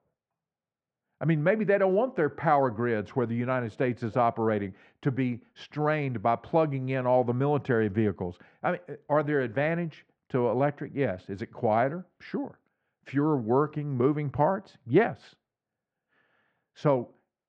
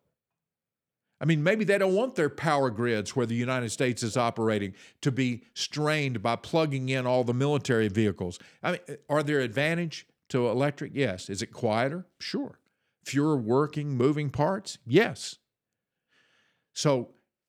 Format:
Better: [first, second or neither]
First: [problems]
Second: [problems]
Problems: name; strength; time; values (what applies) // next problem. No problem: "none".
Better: second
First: muffled; very; fading above 1.5 kHz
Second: none